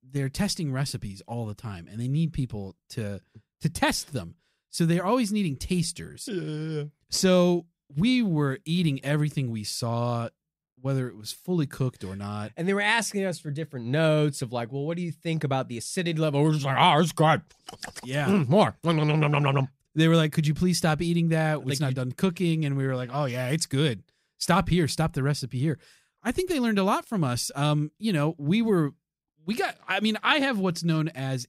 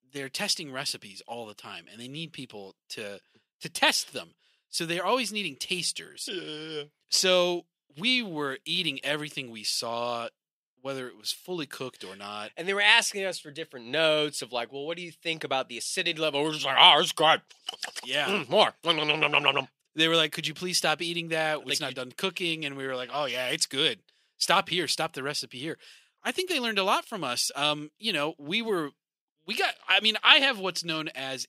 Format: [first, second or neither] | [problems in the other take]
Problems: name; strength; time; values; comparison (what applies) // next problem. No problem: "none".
first | thin; somewhat; fading below 400 Hz